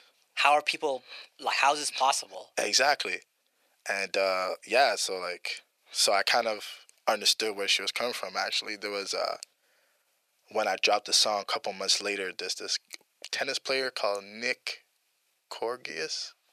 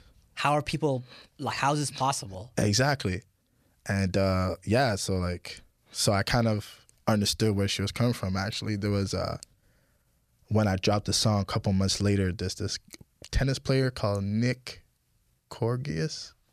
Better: second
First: thin; very; fading below 450 Hz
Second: none

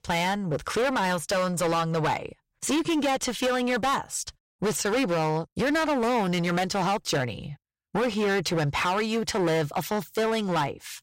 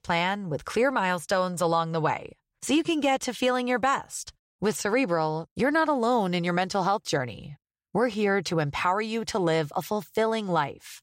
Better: second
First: distortion; heavy; 21% of the sound clipped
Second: none

